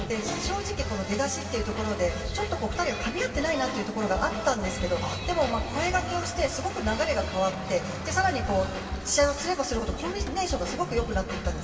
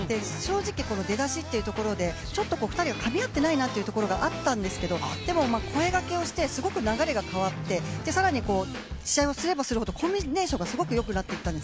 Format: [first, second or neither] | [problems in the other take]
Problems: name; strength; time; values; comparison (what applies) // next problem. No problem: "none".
second | background sound (Toilet flush); 17 dB below the speech // room echo; dies away in 2.7 s